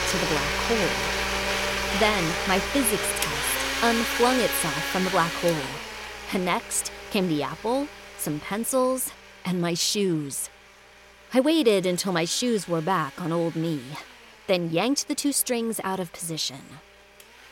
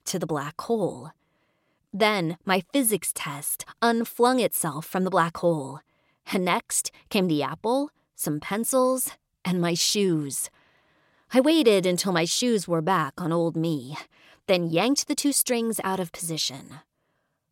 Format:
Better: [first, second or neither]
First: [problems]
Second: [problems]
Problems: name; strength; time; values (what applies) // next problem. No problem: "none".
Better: second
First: household noises; loud; throughout; 1 dB below the speech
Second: none